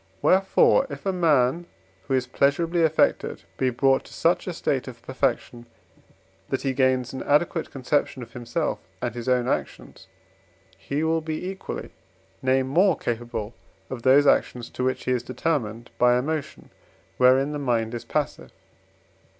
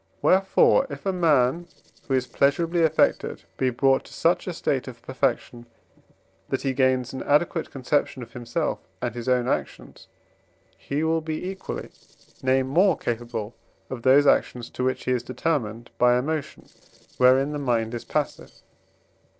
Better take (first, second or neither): first